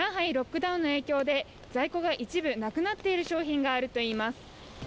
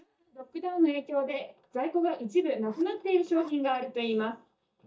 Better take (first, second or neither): first